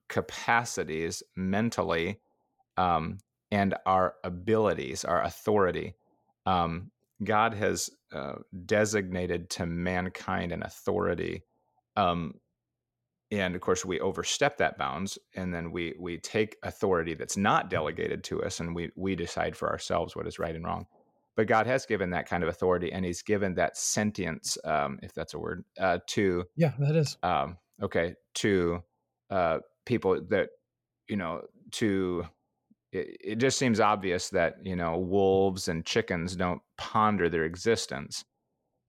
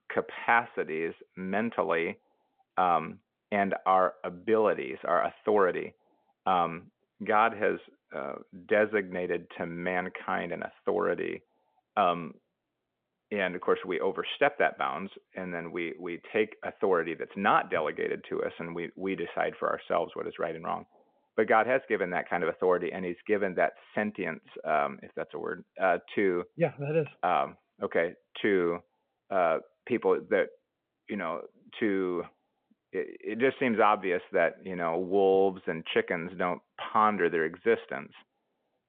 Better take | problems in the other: first | phone-call audio

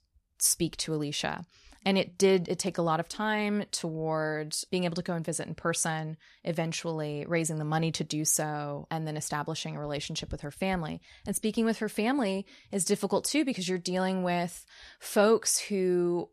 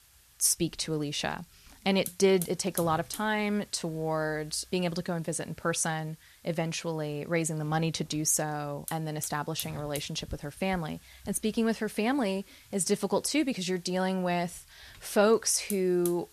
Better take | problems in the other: first | hiss; noticeable; throughout; 15 dB below the speech

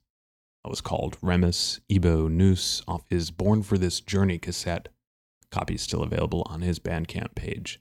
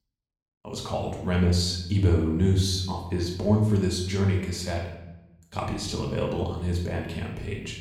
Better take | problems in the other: first | room echo; noticeable; dies away in 0.8 s // off-mic speech; far

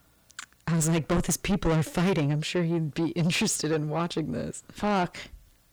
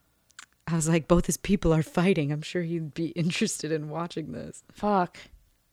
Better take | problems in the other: second | distortion; heavy; 6 dB below the speech

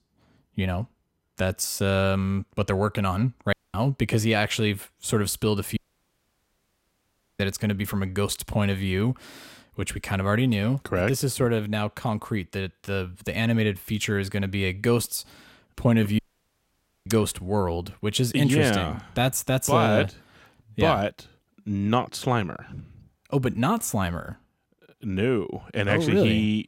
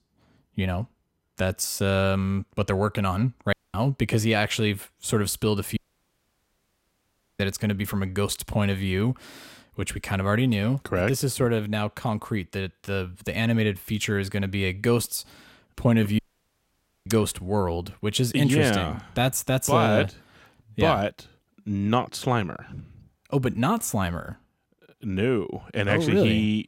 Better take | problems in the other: neither | audio cutting out; at 3.5 s, at 6 s for 1.5 s and at 16 s for 1 s; the same in both

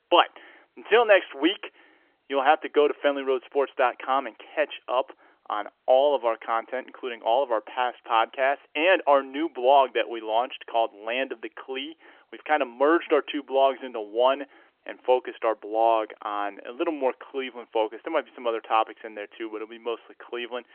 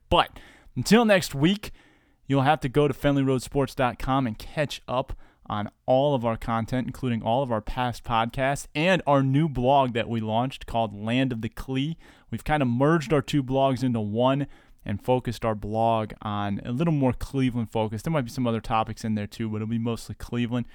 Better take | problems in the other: second | phone-call audio; nothing above 3 kHz

